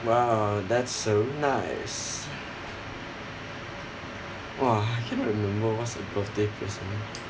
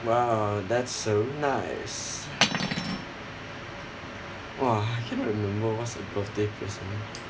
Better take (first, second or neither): first